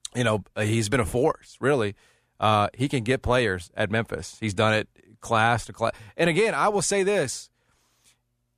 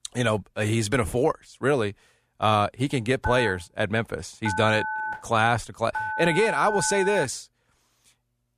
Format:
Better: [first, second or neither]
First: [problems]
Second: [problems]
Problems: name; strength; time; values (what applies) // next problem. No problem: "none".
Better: first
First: none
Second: phone ringing; noticeable; from 3 to 7.5 s; peak 4 dB below the speech